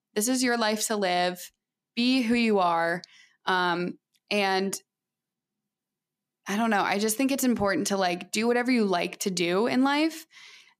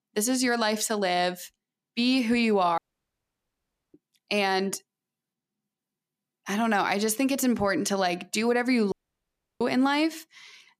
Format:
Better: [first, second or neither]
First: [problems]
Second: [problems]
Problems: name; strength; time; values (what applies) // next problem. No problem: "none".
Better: first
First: none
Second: audio cutting out; at 3 s for 1 s and at 9 s for 0.5 s